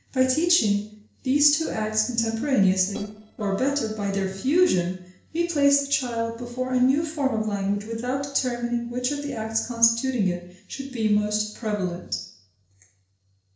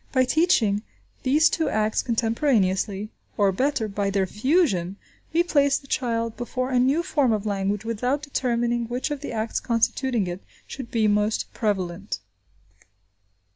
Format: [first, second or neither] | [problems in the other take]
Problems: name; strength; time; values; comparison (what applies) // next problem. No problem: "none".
second | noise reduction (neural separator model SepFormer DNS4)